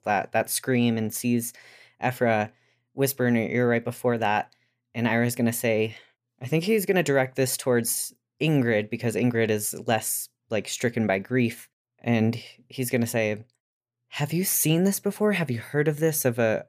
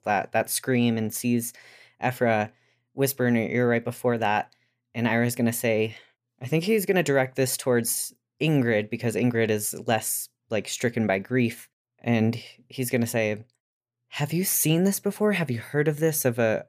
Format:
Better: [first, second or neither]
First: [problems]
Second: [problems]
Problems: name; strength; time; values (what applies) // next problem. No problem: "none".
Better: neither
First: none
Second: none